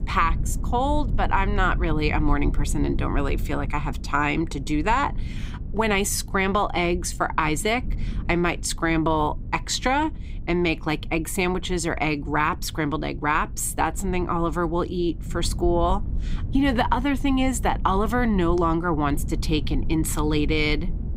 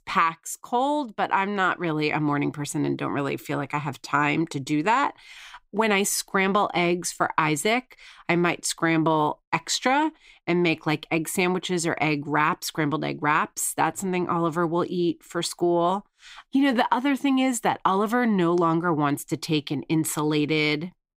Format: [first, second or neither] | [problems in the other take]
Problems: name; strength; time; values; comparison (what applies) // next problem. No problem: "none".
second | low rumble; faint; throughout; 20 dB below the speech